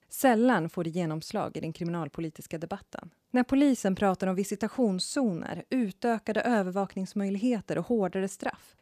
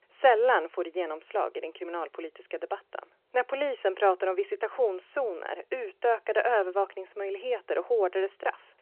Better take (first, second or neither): first